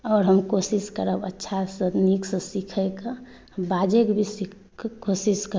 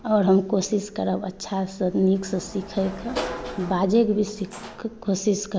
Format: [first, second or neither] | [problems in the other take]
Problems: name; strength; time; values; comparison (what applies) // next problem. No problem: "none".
first | background sound (Sliding door / Slam); 15 dB below the speech